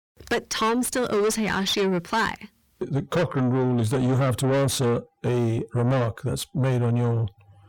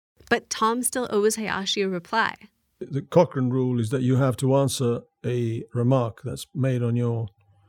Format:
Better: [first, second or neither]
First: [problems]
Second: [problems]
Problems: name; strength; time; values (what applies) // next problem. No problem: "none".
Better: second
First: distortion; heavy; 6 dB below the speech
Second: none